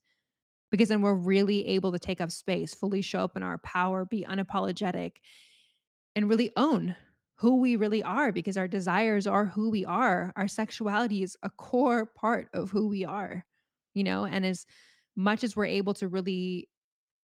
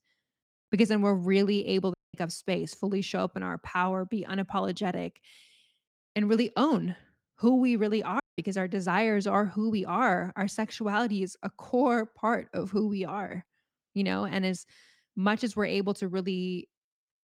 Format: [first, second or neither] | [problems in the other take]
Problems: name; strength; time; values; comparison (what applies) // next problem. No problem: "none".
first | audio cutting out; at 2 s and at 8 s